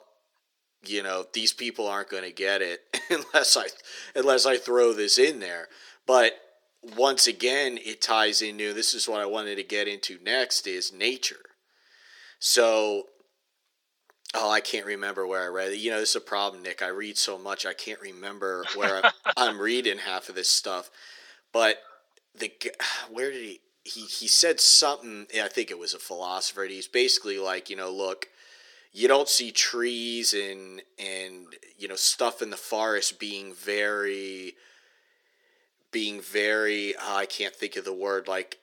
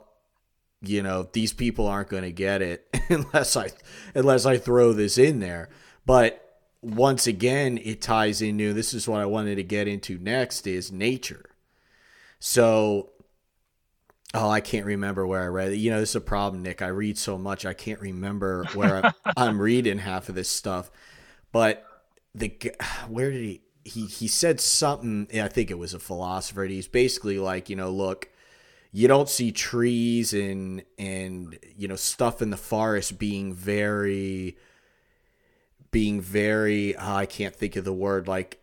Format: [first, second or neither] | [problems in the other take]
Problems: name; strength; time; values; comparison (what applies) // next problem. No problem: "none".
second | thin; very; fading below 350 Hz